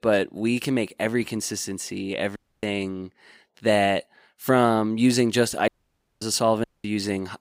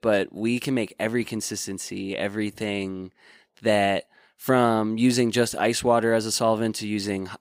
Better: second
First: audio cutting out; at 2.5 s, at 5.5 s for 0.5 s and at 6.5 s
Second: none

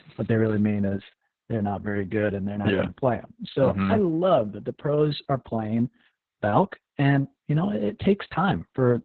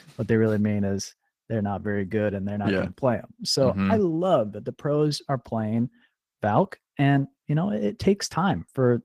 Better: second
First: garbled, watery; badly; nothing above 4 kHz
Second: garbled, watery; slightly; nothing above 15 kHz

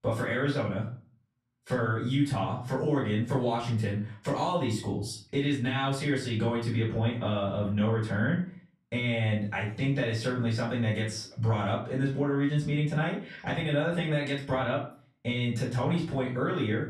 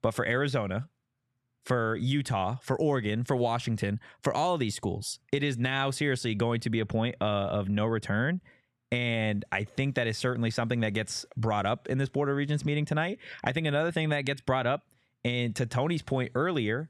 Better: second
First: room echo; slight; dies away in 0.4 s // off-mic speech; far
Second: none

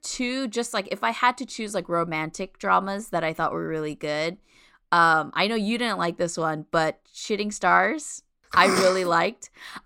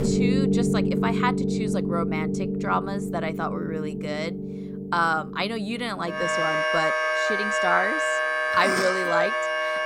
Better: first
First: none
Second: background music; very loud; throughout; 3 dB above the speech

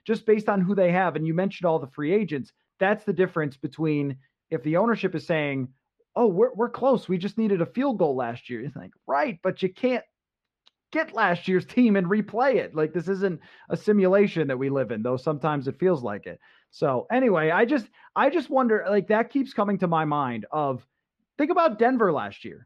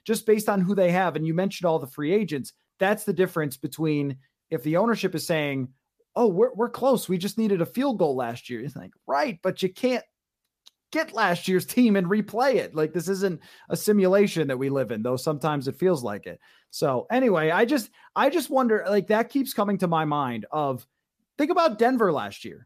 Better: second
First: muffled; slightly; fading above 2.5 kHz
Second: none

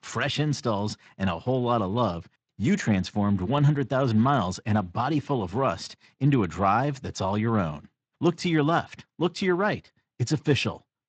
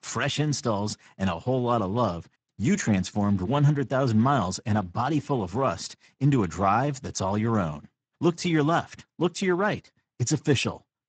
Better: first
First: garbled, watery; slightly; nothing above 7.5 kHz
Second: garbled, watery; badly; nothing above 7.5 kHz

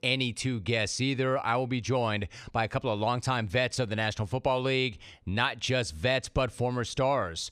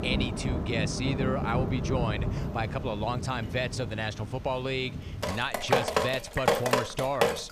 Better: first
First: none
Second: rain or running water; very loud; throughout; 1 dB above the speech

